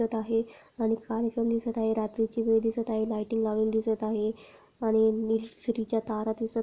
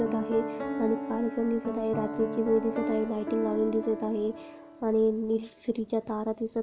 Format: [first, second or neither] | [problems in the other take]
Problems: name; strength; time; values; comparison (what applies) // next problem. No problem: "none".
first | background sound (Piano); 7 dB below the speech